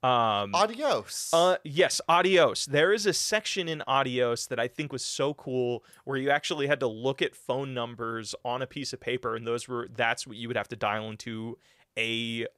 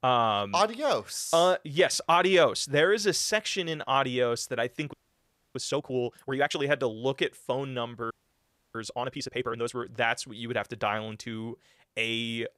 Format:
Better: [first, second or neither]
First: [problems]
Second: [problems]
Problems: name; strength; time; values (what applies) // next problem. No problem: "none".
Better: first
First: none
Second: audio freezing; at 5 s for 0.5 s and at 8 s for 0.5 s